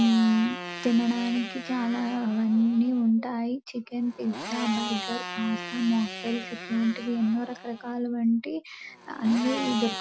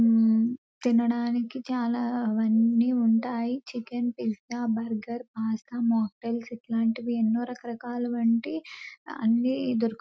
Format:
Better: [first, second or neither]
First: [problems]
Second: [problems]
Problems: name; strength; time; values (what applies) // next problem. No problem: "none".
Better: second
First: background sound (Motorcycle); 11 dB below the speech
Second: none